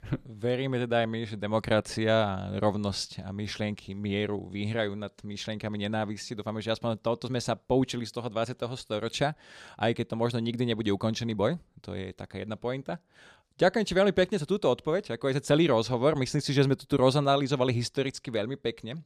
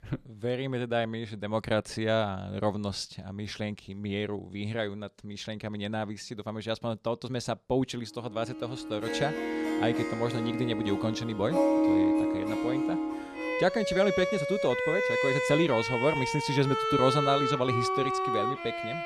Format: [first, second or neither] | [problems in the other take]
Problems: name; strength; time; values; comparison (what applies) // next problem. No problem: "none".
first | background music; very loud; from 9 s on; 1 dB above the speech